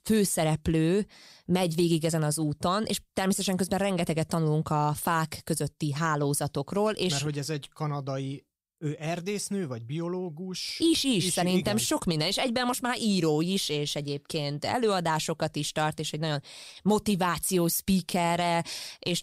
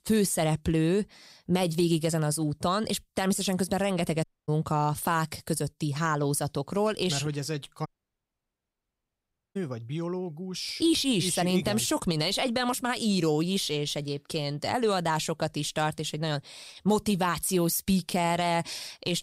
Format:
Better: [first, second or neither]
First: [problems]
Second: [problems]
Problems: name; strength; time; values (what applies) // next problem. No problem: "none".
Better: first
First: none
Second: audio cutting out; at 4 s and at 8 s for 1.5 s